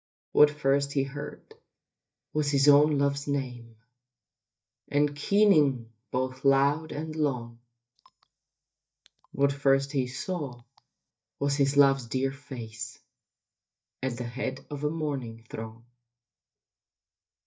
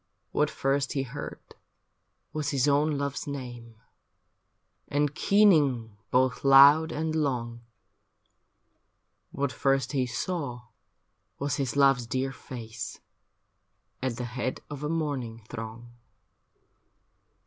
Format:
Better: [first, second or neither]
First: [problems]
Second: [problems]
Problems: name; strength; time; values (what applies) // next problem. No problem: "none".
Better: second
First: noise reduction (neural mask model DeepFilterNet 3)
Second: none